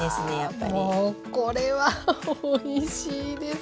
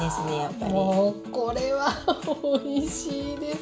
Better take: first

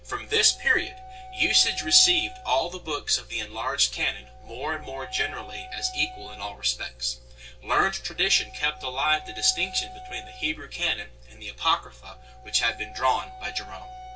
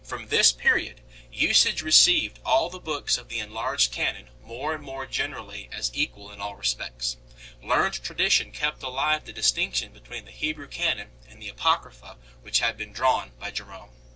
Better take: second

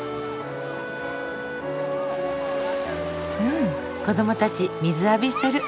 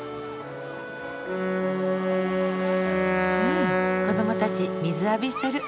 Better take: first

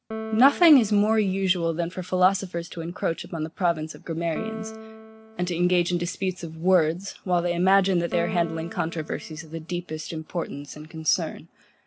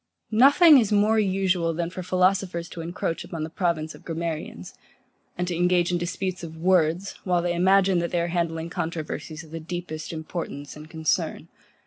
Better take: second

